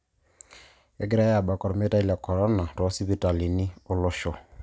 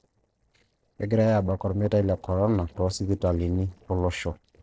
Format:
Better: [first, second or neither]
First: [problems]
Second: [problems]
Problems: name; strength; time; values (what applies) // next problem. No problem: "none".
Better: first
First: none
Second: noise reduction (neural separator model SepFormer DNS4)